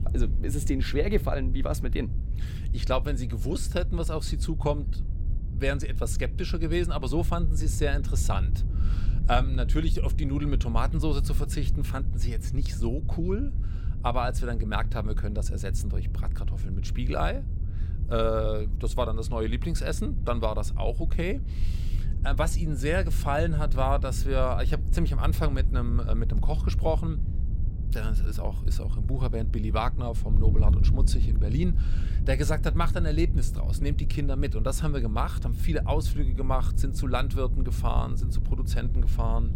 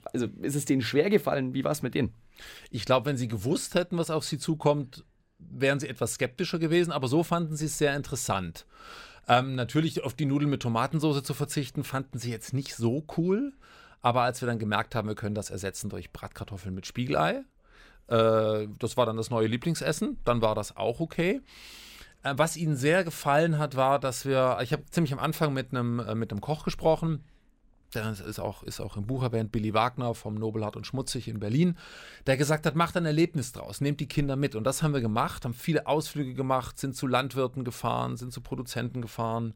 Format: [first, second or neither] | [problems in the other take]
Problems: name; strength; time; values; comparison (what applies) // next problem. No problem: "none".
second | wind noise on the microphone; occasional gusts; 15 dB below the speech